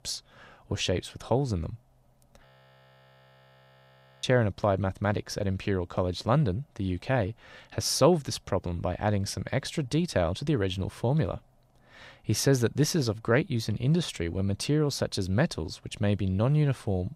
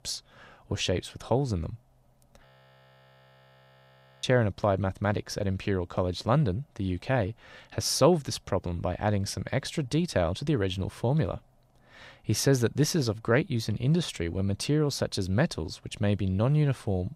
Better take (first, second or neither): neither